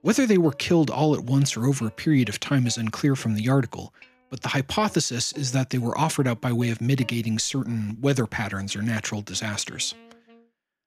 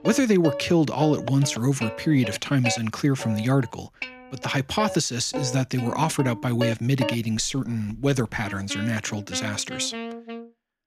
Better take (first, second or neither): first